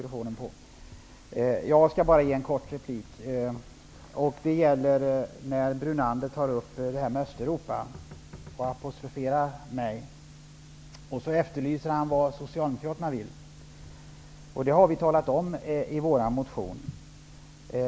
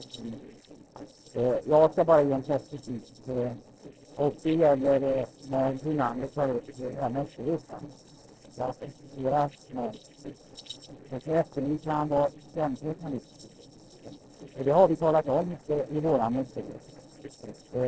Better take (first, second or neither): first